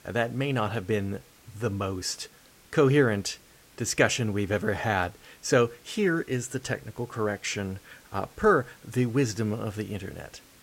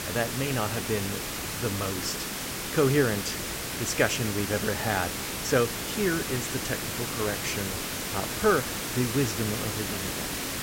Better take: first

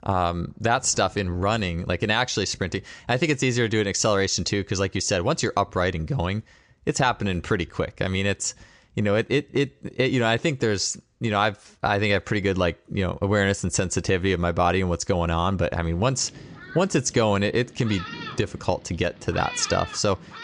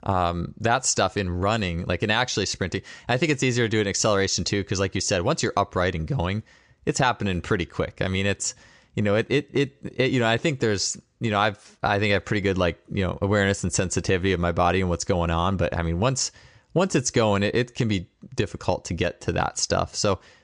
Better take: second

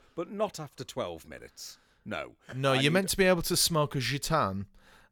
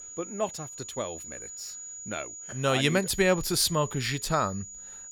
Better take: first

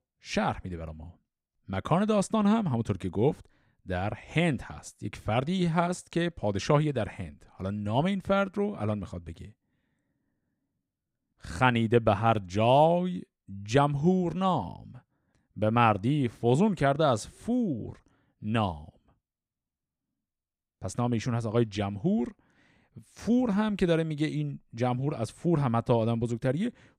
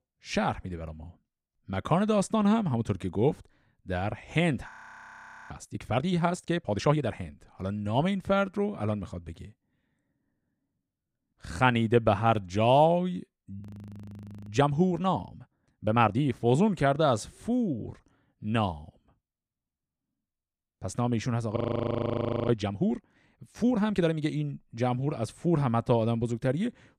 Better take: first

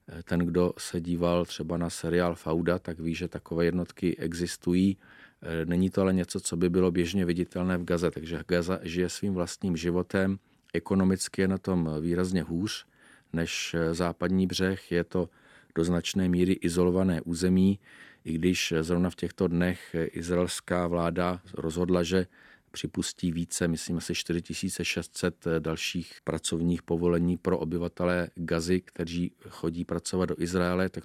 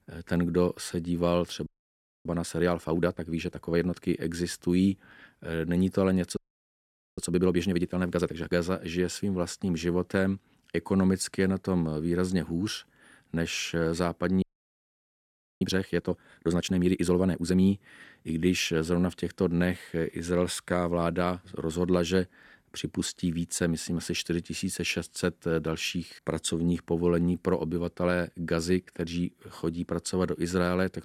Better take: first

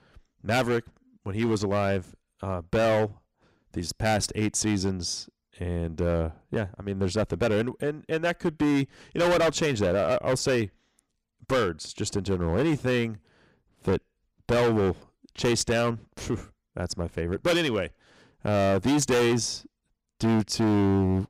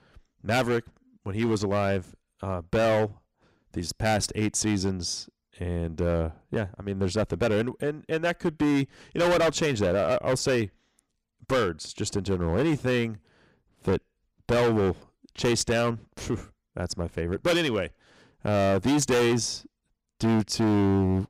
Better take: neither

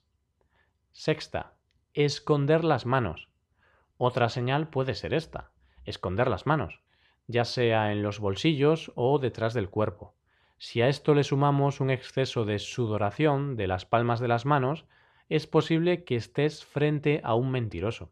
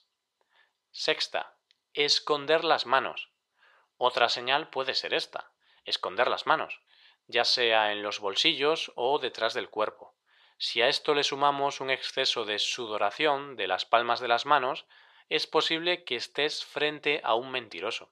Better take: first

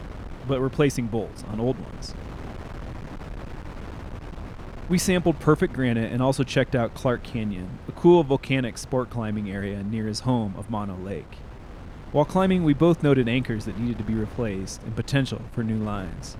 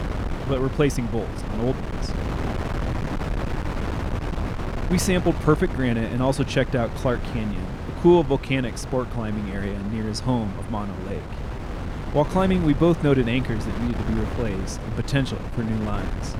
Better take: first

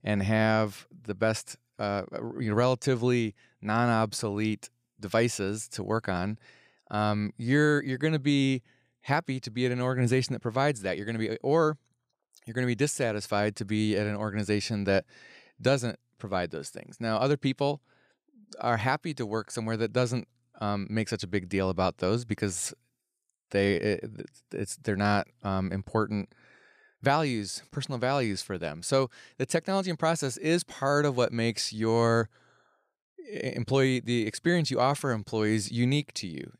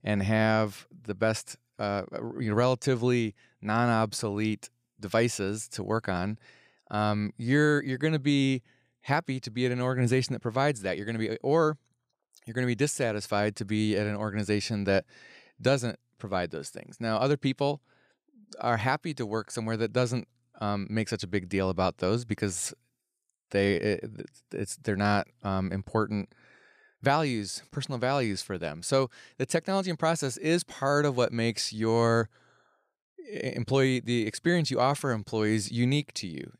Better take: neither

